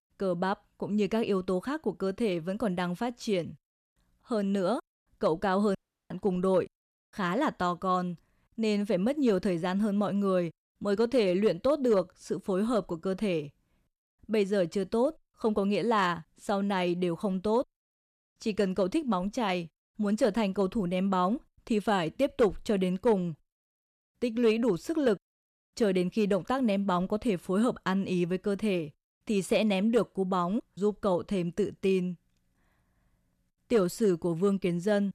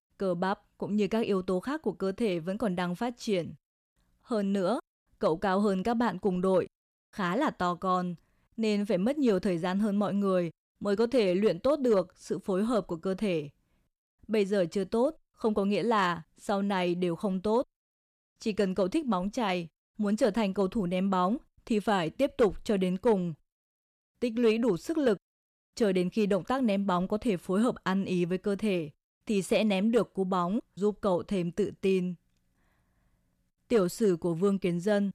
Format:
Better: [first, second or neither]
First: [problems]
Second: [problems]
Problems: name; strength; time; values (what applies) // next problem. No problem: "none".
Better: second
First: audio cutting out; at 6 s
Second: none